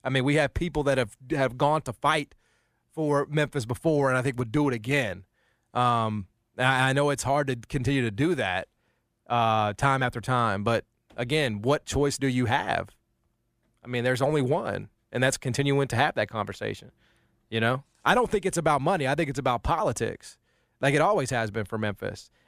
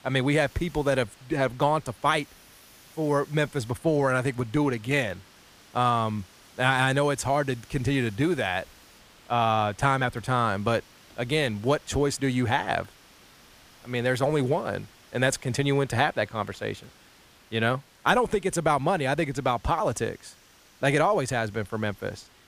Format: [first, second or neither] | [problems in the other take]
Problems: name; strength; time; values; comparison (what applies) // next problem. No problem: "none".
first | hiss; faint; throughout; 25 dB below the speech